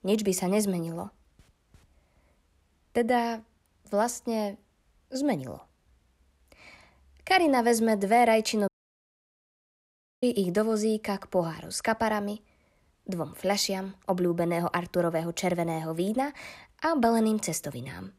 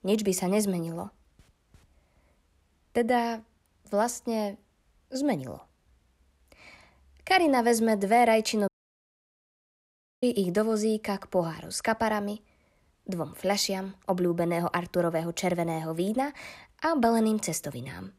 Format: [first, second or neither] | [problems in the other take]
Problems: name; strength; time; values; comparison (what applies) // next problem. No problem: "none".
neither | audio cutting out; at 8.5 s for 1.5 s; the same in both